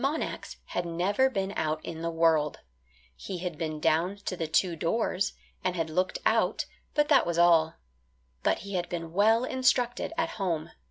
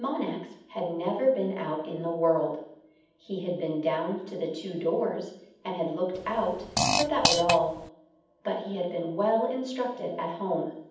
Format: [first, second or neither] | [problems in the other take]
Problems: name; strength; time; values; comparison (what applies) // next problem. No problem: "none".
first | background sound (Fart); 1 dB above the speech // room echo; dies away in 0.8 s